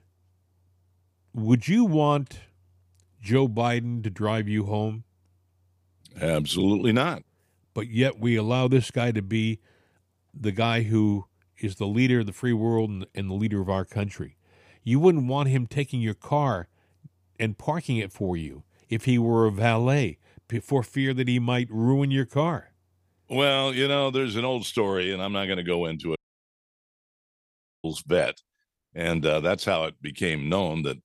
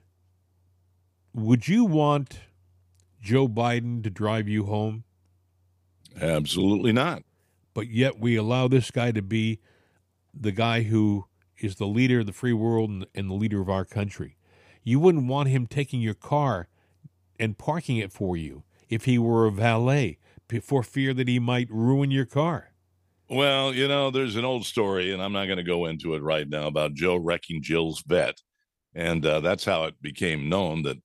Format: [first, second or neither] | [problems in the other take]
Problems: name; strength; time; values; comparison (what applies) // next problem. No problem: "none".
second | audio cutting out; at 26 s for 1.5 s